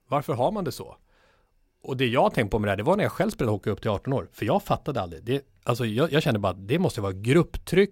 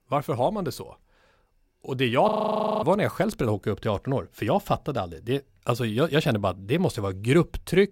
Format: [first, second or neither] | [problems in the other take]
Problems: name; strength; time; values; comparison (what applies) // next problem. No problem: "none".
first | audio freezing; at 2.5 s for 0.5 s